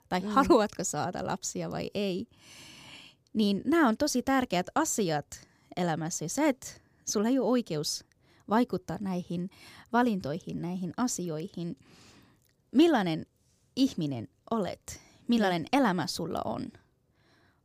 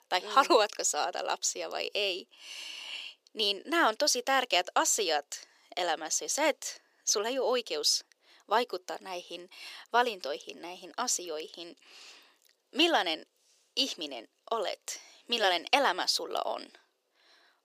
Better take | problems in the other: first | thin; very; fading below 400 Hz

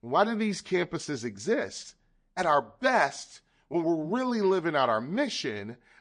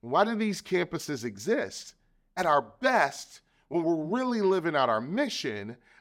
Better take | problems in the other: second | garbled, watery; slightly; nothing above 9 kHz

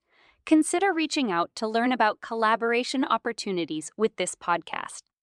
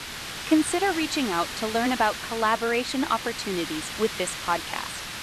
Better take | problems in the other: first | hiss; loud; throughout; 7 dB below the speech

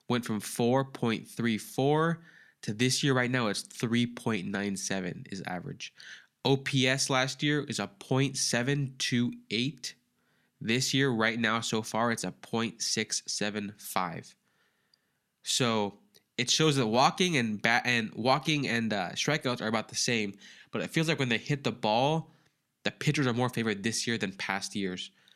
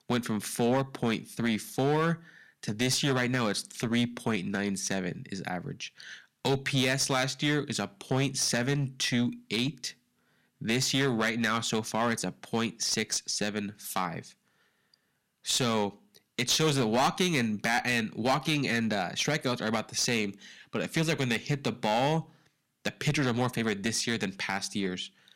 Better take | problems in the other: first | distortion; slight; 5% of the sound clipped

